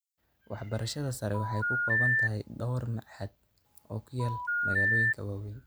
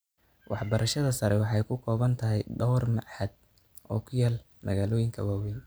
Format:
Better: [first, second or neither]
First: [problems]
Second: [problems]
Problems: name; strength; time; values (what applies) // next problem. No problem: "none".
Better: second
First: background sound (Telephone); 4 dB above the speech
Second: none